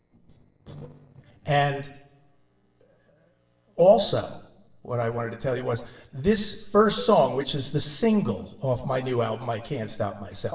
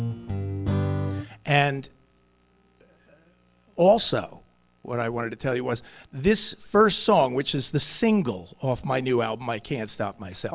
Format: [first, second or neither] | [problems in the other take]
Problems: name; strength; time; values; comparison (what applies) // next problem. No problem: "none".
second | noise reduction (neural separator model SepFormer DNS4)